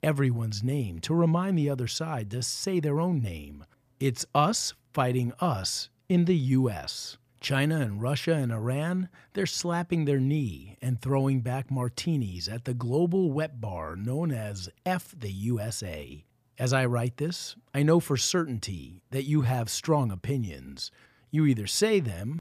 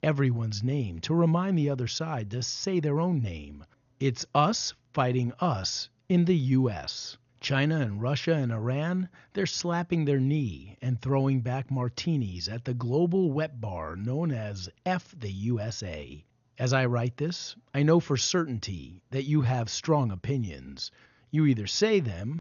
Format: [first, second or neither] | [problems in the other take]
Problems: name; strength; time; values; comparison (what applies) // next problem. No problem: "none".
first | garbled, watery; slightly; nothing above 6.5 kHz